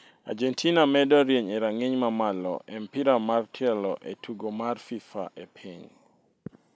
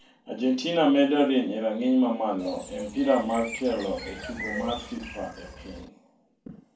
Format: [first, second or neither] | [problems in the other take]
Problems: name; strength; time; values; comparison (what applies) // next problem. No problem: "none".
first | background sound (Bird); 12 dB below the speech // room echo; dies away in 0.3 s